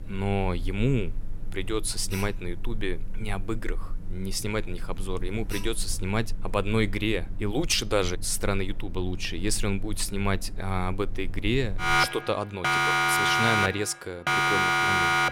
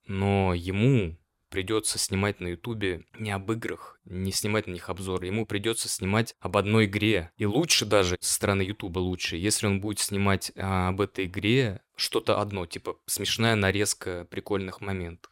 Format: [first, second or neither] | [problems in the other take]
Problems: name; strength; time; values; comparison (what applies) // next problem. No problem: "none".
second | alarms or sirens; very loud; throughout; 1 dB above the speech